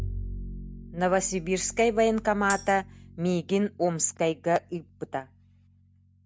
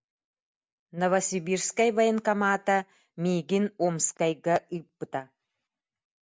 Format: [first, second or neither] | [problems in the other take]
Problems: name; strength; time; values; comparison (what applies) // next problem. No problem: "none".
second | background sound (Tambourine + Bowed string instrument); 13 dB below the speech